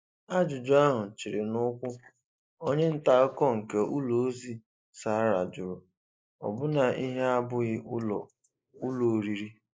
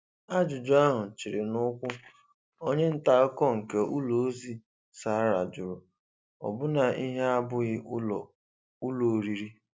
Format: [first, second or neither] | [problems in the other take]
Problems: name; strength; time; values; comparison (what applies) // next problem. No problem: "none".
second | noise reduction (neural mask model Resemble Enhance denoiser)